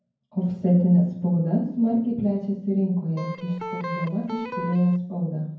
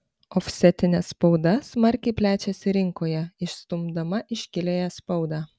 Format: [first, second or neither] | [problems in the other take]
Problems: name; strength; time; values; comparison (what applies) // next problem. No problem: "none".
second | background sound (Electric guitar); 10 dB below the speech // room echo; dies away in 0.9 s